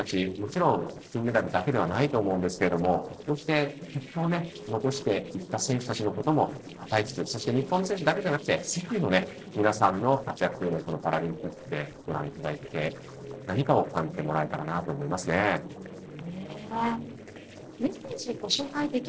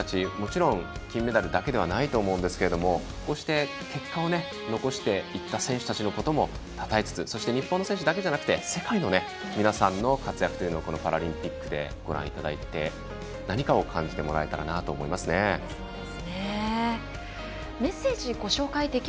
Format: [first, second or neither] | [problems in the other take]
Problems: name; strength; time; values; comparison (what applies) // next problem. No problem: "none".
second | noise reduction (neural separator model SepFormer DNS4)